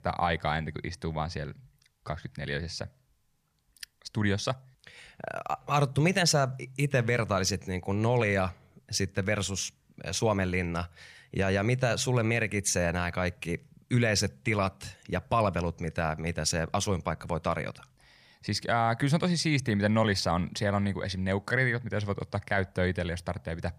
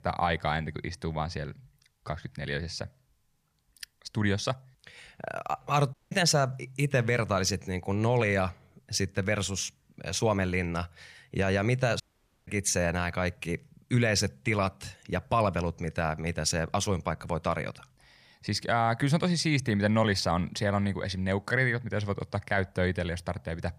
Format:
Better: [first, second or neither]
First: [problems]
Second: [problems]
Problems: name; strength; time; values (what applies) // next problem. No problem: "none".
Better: first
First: none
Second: audio cutting out; at 6 s and at 12 s